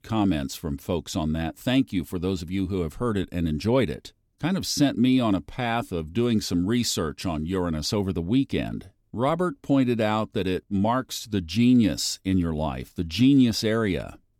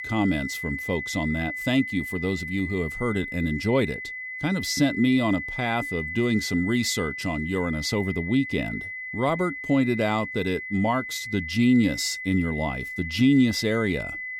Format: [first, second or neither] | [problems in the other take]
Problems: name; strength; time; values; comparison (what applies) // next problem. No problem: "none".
first | high-pitched whine; loud; throughout; 2 kHz, 7 dB below the speech